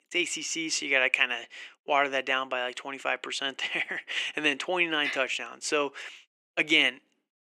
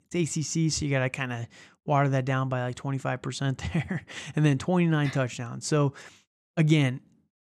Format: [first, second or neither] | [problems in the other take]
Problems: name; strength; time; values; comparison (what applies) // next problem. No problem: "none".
second | thin; very; fading below 350 Hz